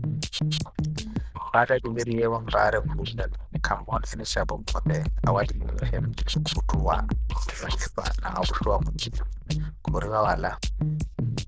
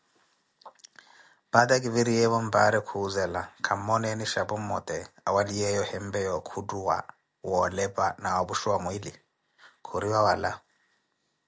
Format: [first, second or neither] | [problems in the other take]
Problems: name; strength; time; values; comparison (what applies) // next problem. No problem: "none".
second | noise reduction (neural diffusion model UNIVERSE++)